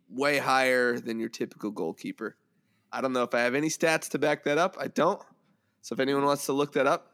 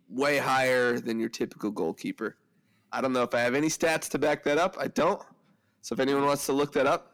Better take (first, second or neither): first